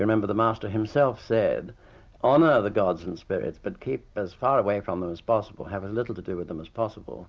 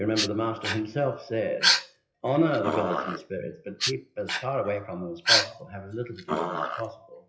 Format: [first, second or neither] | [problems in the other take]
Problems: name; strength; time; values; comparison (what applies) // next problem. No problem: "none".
first | noise reduction (classical method WPE with log-MMSE)